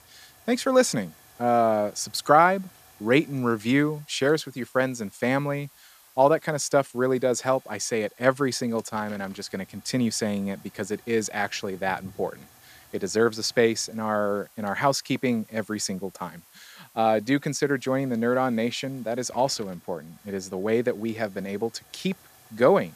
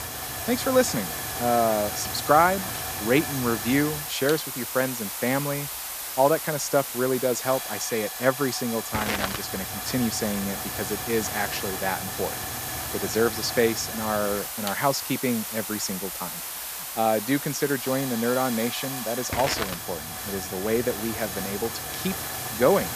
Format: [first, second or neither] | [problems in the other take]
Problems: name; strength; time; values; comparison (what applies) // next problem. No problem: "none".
first | hiss; loud; throughout; 4 dB below the speech; faint in the first